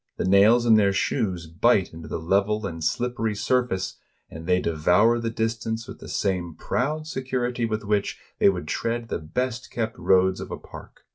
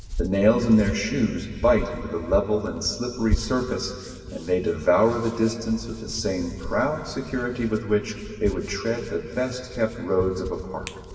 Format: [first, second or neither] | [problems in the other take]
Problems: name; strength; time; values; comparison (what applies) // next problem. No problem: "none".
first | background sound (Hands); 10 dB below the speech // room echo; dies away in 2.4 s